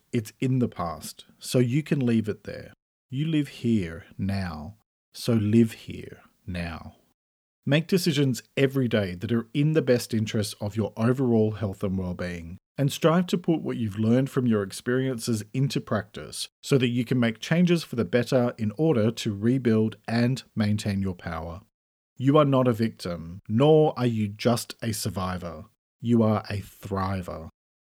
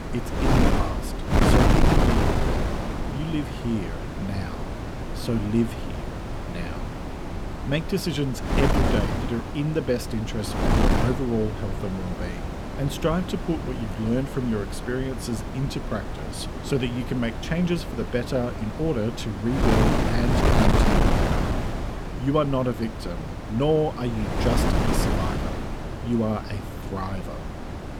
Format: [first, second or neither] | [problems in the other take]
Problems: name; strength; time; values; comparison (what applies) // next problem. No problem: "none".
first | wind noise on the microphone; heavy; as loud as the speech